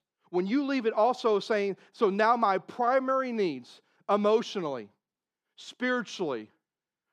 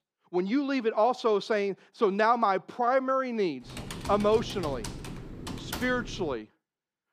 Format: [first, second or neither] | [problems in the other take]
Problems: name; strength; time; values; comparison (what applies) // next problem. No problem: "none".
first | keyboard typing; noticeable; from 3.5 to 6.5 s; peak 9 dB below the speech